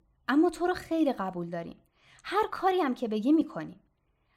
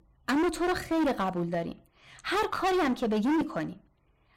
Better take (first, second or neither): first